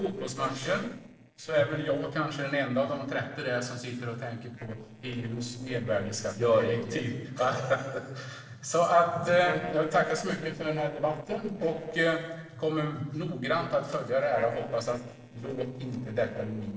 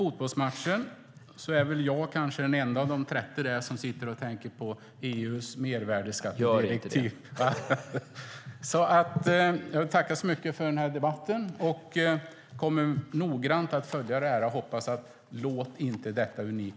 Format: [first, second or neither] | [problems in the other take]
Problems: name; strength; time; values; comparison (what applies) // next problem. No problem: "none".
second | noise reduction (neural separator model SepFormer DNS4)